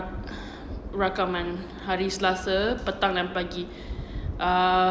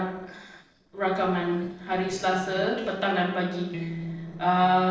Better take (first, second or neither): first